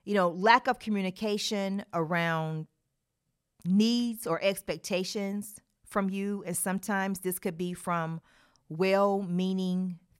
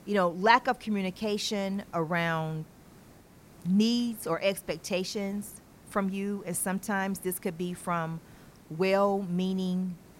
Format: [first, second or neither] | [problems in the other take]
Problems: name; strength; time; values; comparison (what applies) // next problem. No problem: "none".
first | hiss; faint; throughout; 25 dB below the speech